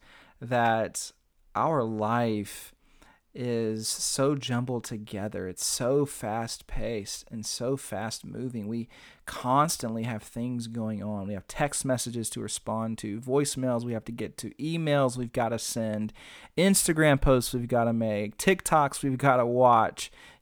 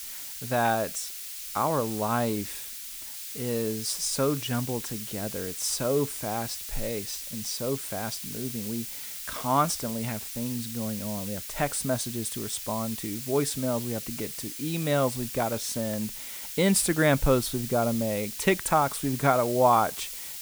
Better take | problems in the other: first | hiss; loud; throughout; 7 dB below the speech

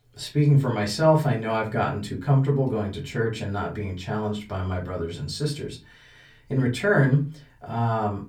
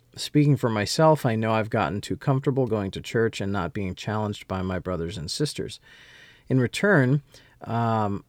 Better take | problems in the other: second | off-mic speech; far // room echo; very slight; dies away in 0.3 s

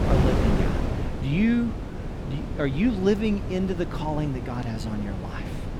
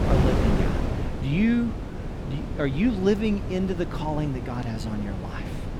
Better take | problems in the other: neither | wind noise on the microphone; heavy; 5 dB below the speech; the same in both

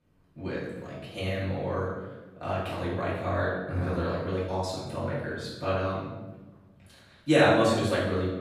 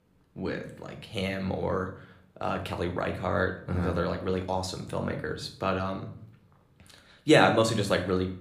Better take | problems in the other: second | room echo; strong; dies away in 1 s; slight in the second // off-mic speech; far

